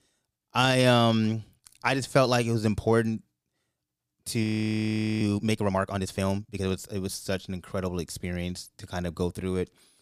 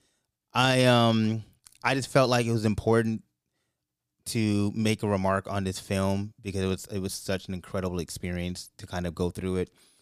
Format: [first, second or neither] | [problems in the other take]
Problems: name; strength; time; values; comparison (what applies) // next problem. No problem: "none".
second | audio freezing; at 4.5 s for 1 s